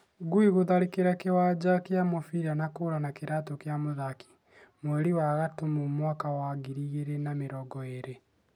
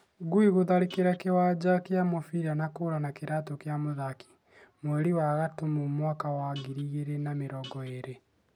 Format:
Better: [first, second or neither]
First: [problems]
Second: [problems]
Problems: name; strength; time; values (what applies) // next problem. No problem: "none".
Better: first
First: none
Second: background sound (Guitar); 20 dB below the speech